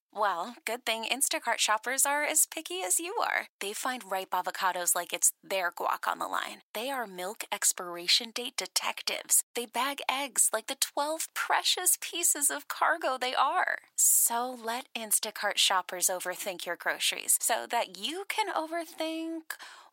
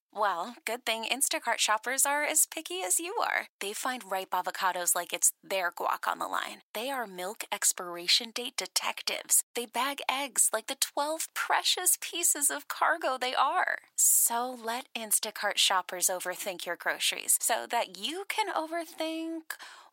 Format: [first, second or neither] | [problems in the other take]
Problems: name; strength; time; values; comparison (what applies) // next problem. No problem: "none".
neither | thin; very; fading below 700 Hz; the same in both